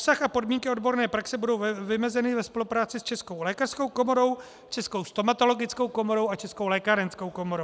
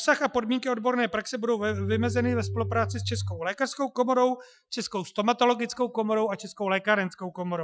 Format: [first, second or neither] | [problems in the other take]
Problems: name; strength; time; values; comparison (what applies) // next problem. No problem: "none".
first | noise reduction (classical method Wiener filter)